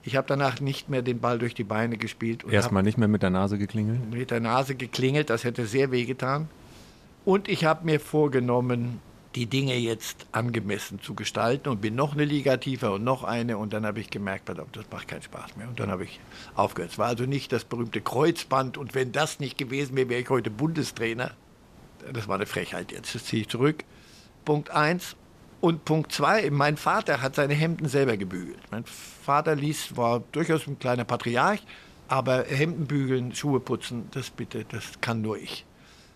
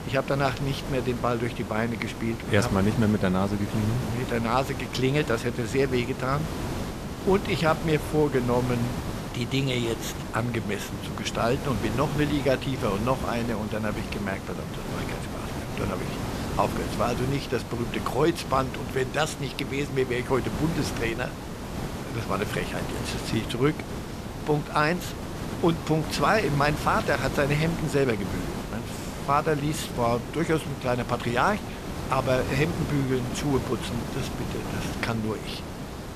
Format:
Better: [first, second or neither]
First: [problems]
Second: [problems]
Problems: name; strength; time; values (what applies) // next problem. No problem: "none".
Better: first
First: hiss; faint; throughout; 25 dB below the speech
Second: hiss; loud; throughout; 6 dB below the speech